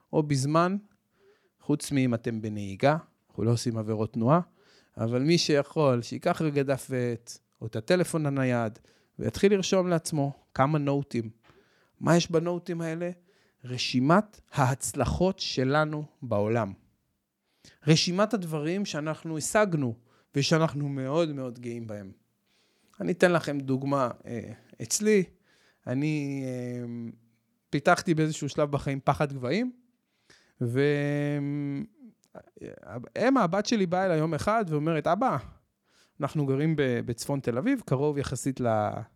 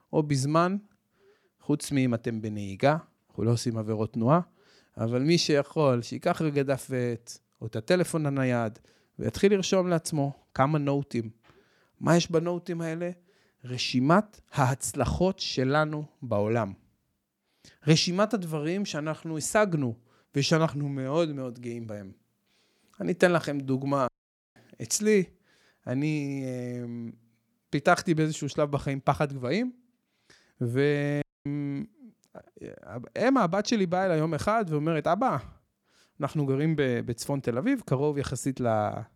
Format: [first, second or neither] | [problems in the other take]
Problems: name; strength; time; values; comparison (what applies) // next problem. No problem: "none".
first | audio cutting out; at 24 s and at 31 s